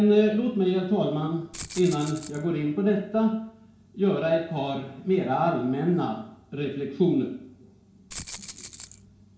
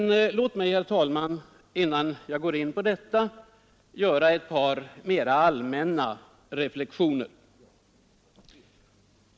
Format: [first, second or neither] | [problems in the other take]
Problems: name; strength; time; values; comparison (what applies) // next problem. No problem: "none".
second | background sound (Rattle (instrument)); 15 dB below the speech // room echo; dies away in 0.6 s